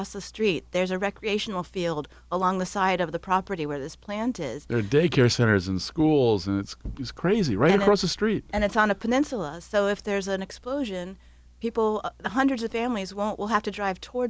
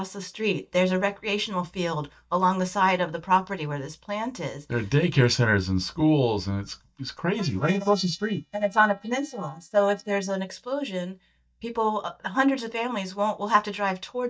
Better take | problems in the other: first | noise reduction (neural mask model DeepFilterNet 3)

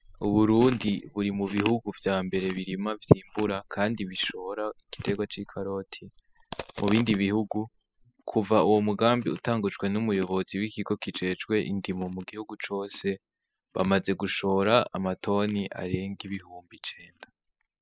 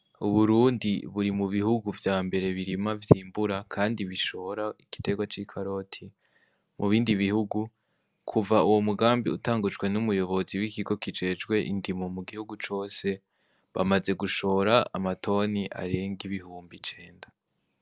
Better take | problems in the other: second | noise reduction (classical method spectral subtraction)

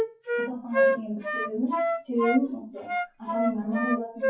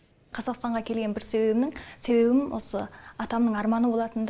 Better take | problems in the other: second | noise reduction (classical method WPE with log-MMSE)

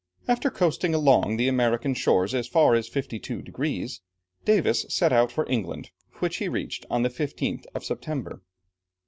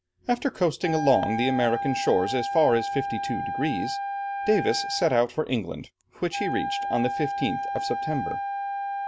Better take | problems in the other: first | background sound (Wind instrument, woodwind instrument); 4 dB below the speech

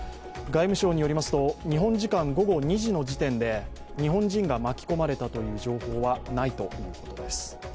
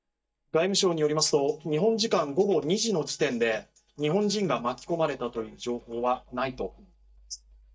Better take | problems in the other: first | noise reduction (neural mask model DeepFilterNet 3)

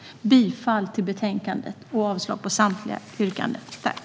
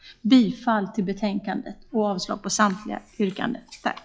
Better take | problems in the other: first | noise reduction (classical method log-MMSE)

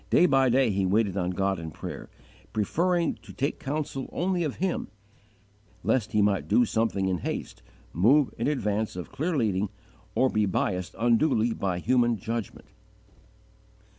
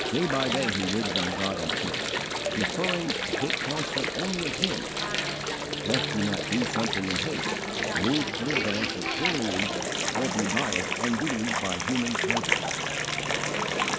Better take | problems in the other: first | background sound (Water); 3 dB above the speech

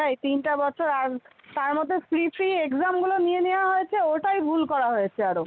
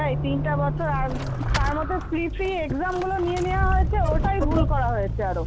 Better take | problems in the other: first | background sound (Squeak / Accelerating, revving, vroom / Vehicle); 2 dB above the speech

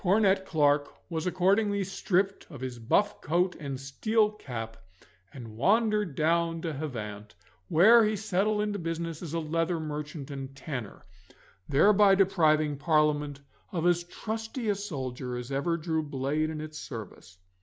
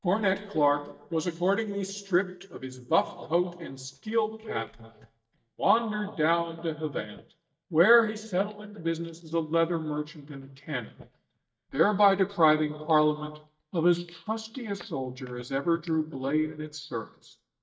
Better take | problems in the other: first | noise reduction (neural mask model DeepFilterNet 3)

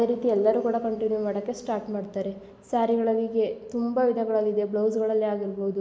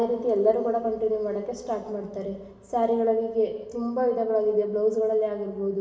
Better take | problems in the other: first | room echo; dies away in 1.2 s

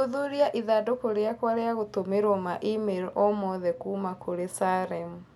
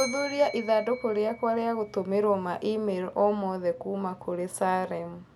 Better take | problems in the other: first | background sound (Bell); 18 dB below the speech

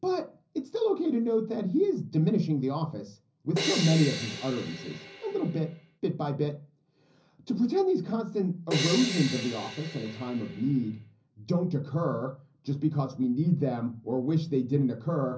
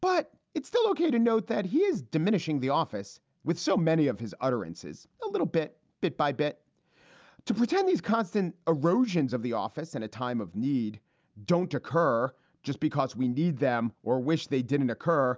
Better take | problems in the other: second | background sound (Crash cymbal); 7 dB below the speech // room echo; dies away in 0.5 s

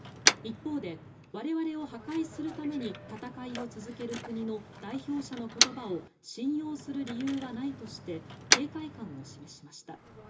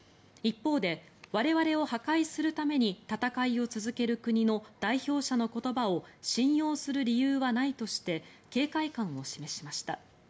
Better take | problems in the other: second | background sound (Motor vehicle (road)); 2 dB above the speech // room echo; dies away in 0.2 s

